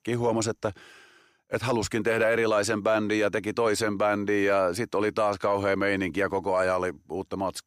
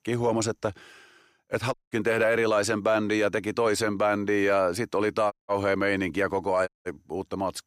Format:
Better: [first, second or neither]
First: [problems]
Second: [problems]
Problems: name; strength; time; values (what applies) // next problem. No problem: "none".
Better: first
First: none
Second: audio cutting out; at 1.5 s, at 5.5 s and at 6.5 s